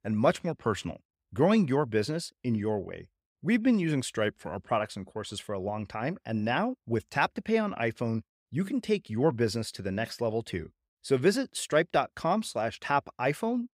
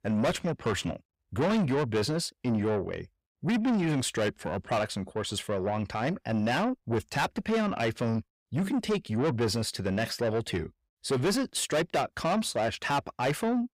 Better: first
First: none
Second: distortion; heavy; 7 dB below the speech

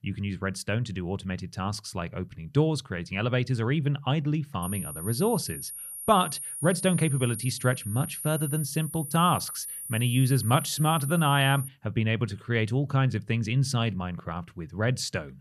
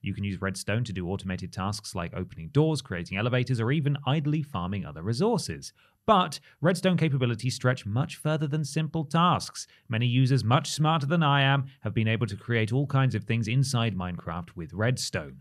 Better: second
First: high-pitched whine; loud; from 4.5 to 12 s; 9.5 kHz, 8 dB below the speech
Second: none

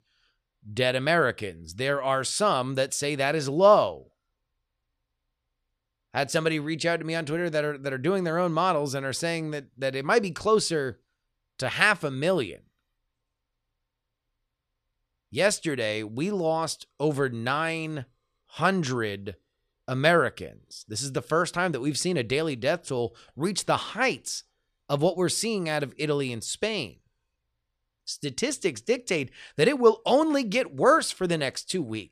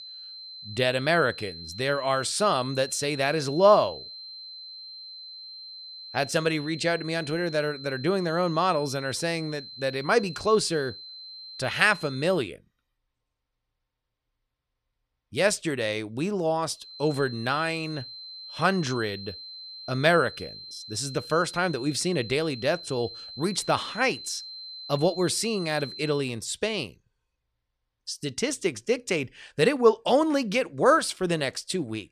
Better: first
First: none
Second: high-pitched whine; noticeable; until 12 s and from 17 to 26 s; 4 kHz, 15 dB below the speech

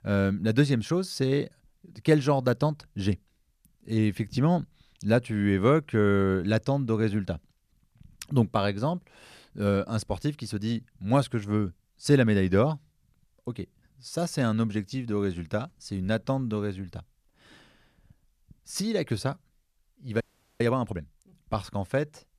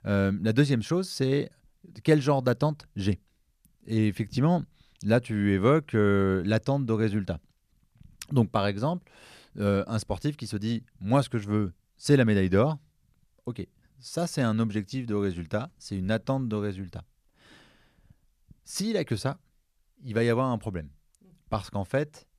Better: second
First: audio freezing; at 20 s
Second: none

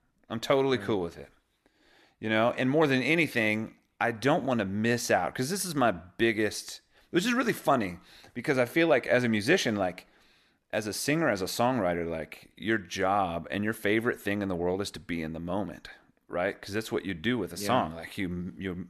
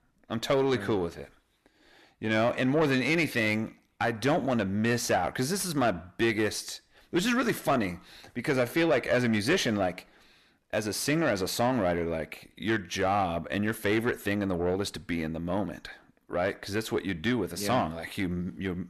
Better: first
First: none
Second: distortion; slight; 10 dB below the speech

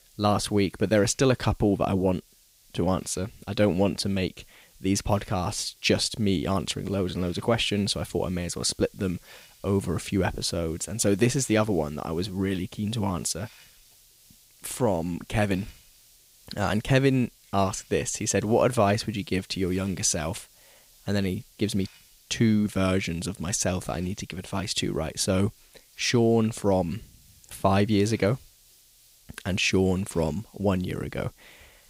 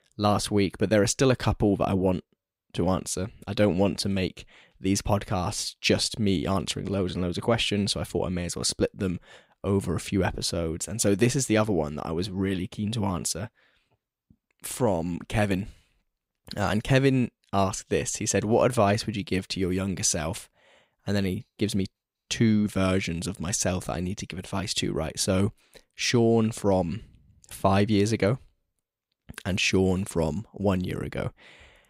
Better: second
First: hiss; faint; throughout; 25 dB below the speech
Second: none

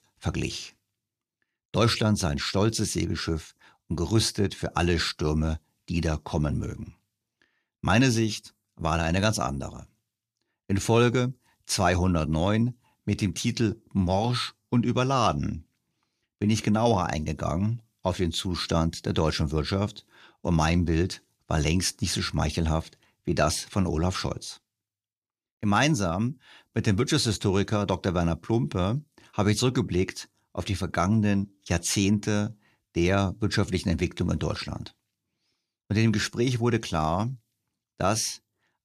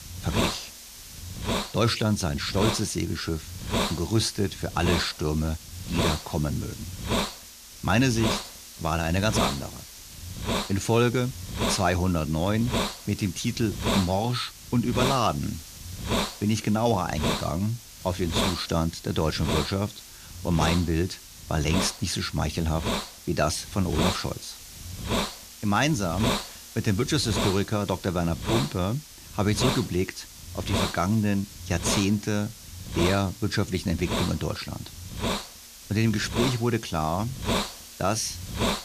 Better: first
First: none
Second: hiss; loud; throughout; 5 dB below the speech

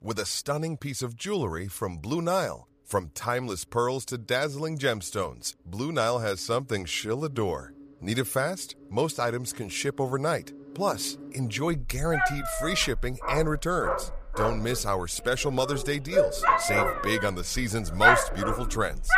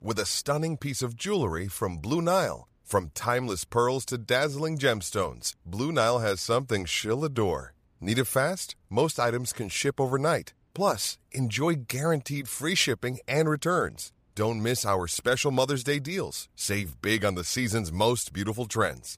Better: second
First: animal sounds; very loud; throughout; 1 dB above the speech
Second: none

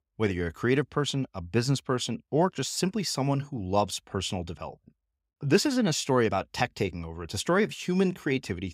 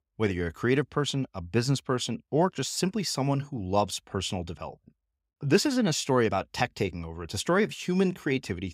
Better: neither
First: none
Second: none

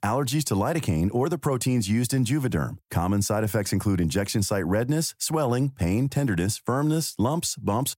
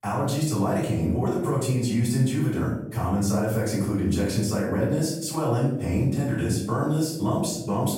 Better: first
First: none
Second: off-mic speech; far // room echo; noticeable; dies away in 0.8 s

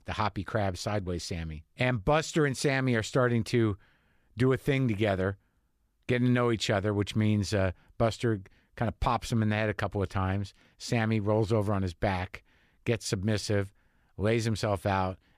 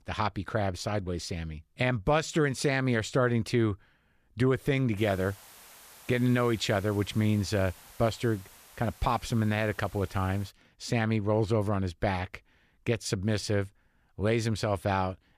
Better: first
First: none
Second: hiss; faint; from 5 to 11 s; 20 dB below the speech

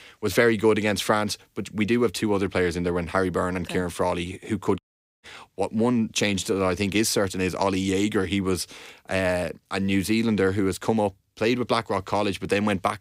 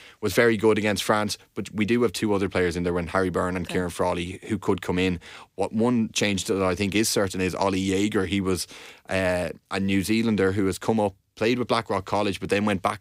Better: second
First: audio cutting out; at 5 s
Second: none

